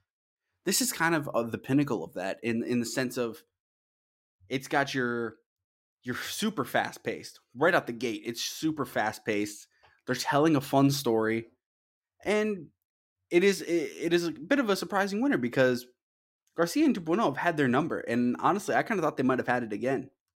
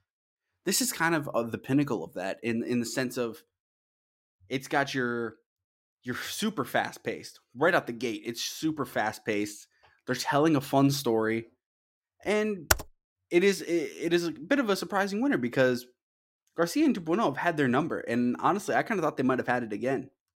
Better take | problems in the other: first | keyboard typing; very faint; at 13 s; peak 1 dB above the speech

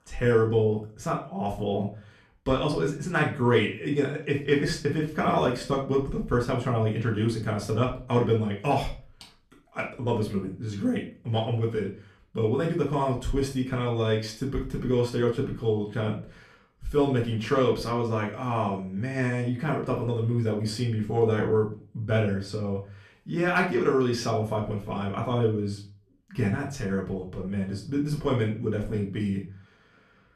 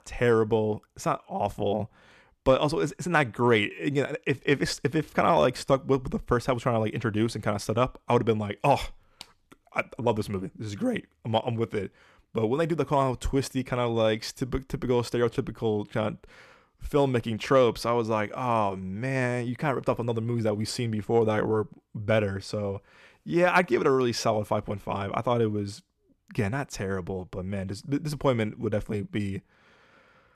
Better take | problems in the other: second | off-mic speech; far // room echo; slight; dies away in 0.3 s

